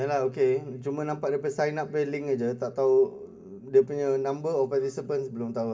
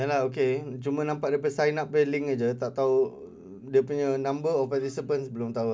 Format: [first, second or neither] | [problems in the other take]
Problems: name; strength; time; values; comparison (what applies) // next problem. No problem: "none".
second | room echo; dies away in 1 s